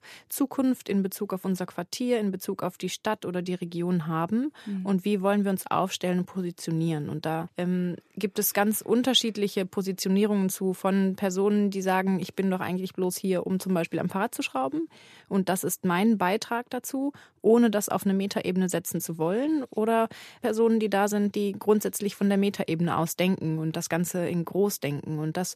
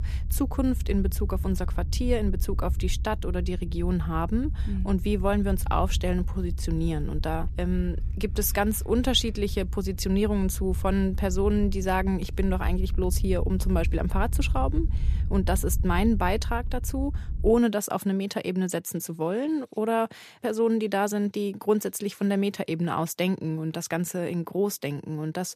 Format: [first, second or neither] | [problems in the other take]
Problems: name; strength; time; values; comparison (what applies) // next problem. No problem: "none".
first | low rumble; noticeable; until 18 s; 20 dB below the speech